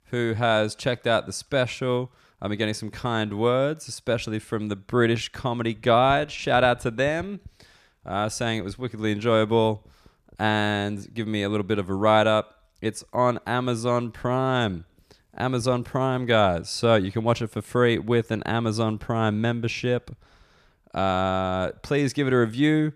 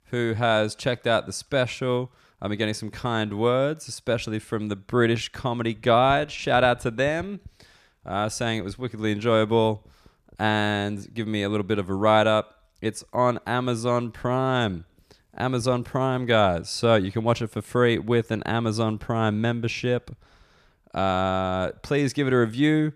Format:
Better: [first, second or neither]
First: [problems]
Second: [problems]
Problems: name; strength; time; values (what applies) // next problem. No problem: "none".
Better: neither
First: none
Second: none